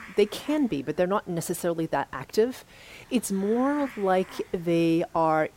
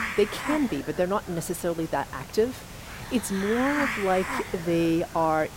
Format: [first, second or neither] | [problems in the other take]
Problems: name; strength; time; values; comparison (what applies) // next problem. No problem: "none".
first | hiss; loud; throughout; 7 dB below the speech; faint in the first